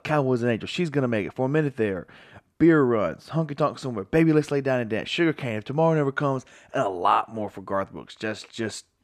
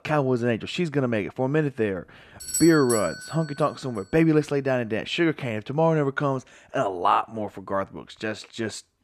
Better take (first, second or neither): first